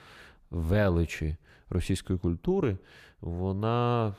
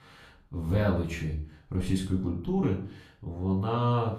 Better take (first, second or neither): first